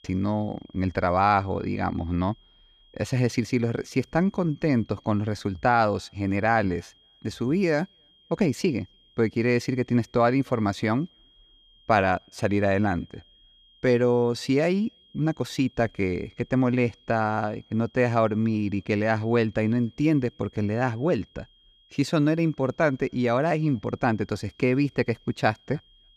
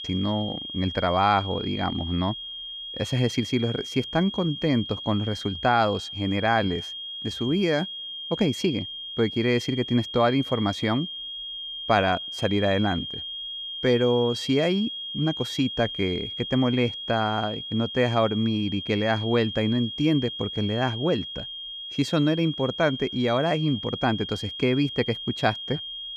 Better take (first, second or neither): first